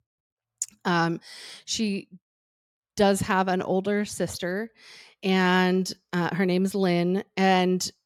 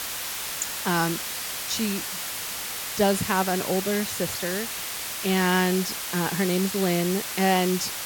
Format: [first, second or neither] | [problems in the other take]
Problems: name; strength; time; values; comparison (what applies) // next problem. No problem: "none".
first | hiss; loud; throughout; 4 dB below the speech